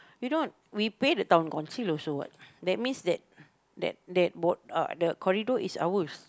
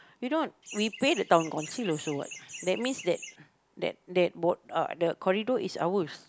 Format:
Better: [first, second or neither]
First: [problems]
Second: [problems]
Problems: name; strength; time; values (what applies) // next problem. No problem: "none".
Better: first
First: none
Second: background sound (Chirp, tweet); 14 dB below the speech